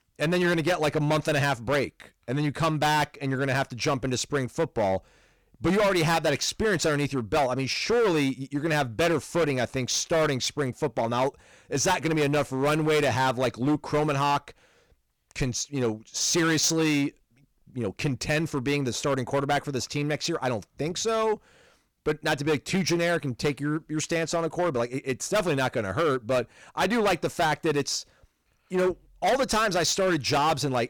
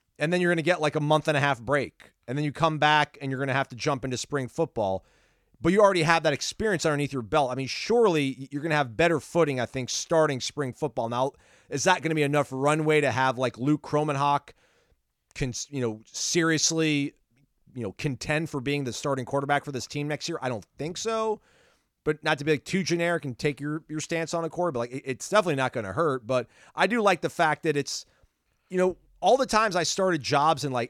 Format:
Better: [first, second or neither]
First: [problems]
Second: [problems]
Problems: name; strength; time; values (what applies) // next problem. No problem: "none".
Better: second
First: distortion; heavy; 13% of the sound clipped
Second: none